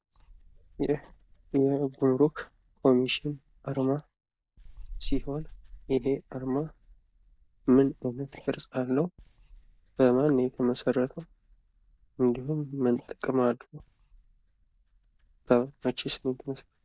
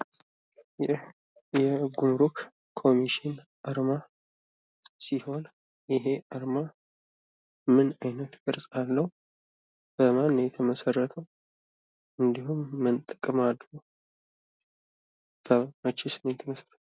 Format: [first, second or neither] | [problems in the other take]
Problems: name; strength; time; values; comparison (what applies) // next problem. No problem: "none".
second | noise reduction (neural mask model DeepFilterNet 3)